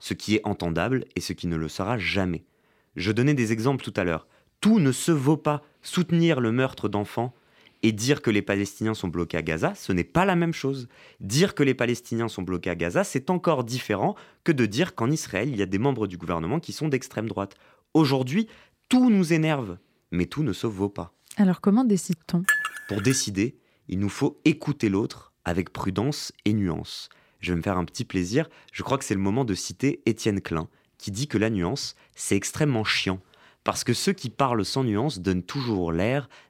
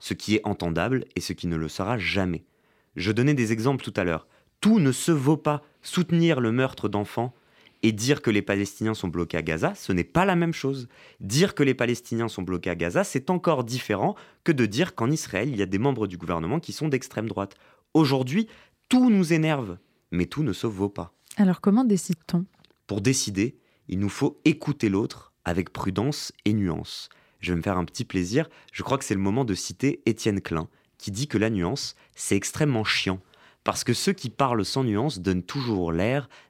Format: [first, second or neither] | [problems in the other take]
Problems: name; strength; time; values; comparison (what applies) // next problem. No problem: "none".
second | clattering dishes; loud; at 22 s; peak 2 dB above the speech